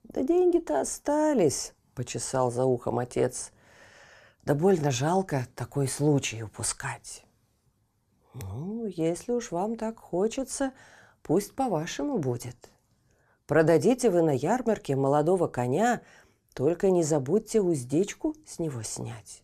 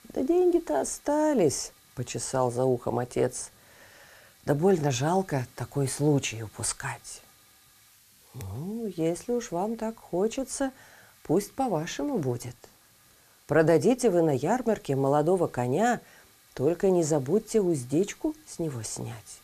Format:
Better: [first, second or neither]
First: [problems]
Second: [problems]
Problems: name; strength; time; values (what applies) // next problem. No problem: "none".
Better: first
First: none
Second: hiss; faint; throughout; 30 dB below the speech